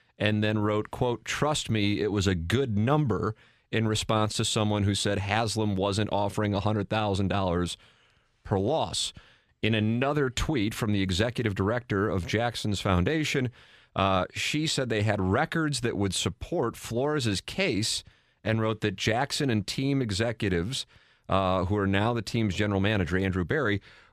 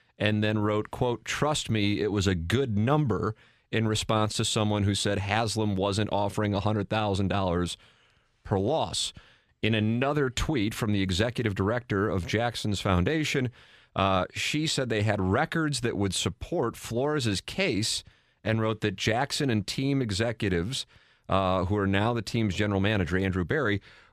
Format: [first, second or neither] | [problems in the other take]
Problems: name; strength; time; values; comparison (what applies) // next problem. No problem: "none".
neither | none